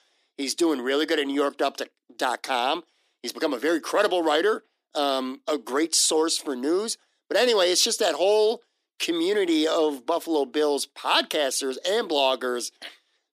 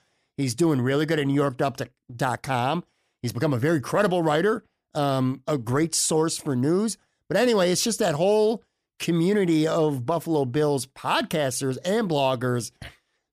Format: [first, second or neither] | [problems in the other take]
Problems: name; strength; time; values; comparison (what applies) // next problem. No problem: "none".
second | thin; somewhat; fading below 300 Hz